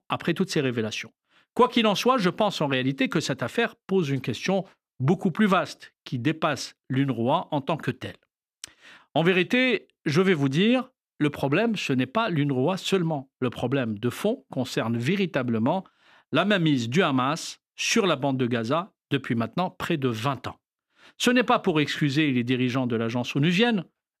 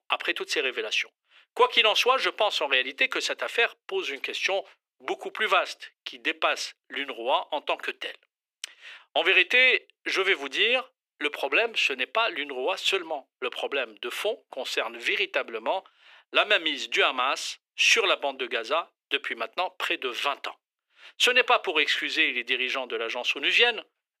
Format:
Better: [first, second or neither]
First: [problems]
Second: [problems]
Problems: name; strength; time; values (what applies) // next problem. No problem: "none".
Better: first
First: none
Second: thin; very; fading below 400 Hz